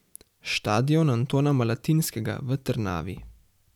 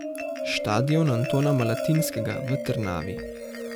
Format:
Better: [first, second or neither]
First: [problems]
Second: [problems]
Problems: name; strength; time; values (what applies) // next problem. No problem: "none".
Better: first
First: none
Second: background sound (Marimba, xylophone); 5 dB below the speech